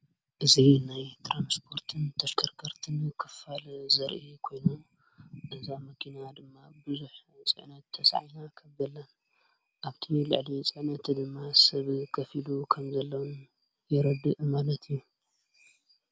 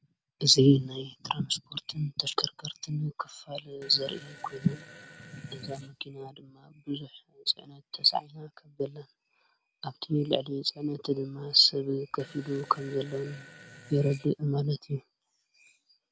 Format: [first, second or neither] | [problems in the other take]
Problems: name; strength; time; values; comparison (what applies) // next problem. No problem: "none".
first | background sound (Fart); 20 dB below the speech